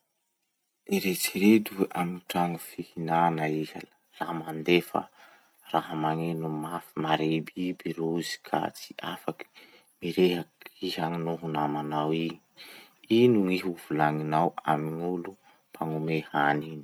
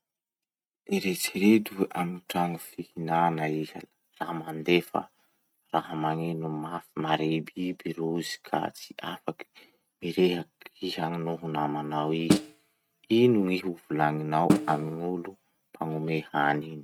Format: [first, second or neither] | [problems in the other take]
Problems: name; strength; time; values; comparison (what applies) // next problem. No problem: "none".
first | noise reduction (neural mask model RNNoise)